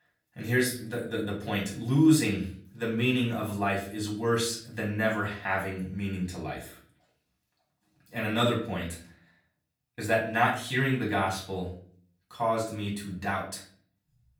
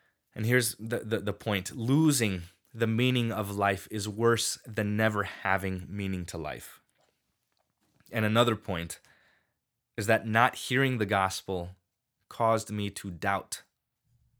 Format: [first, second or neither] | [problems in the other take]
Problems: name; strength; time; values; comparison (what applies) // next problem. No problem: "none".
second | off-mic speech; far // room echo; slight; dies away in 0.4 s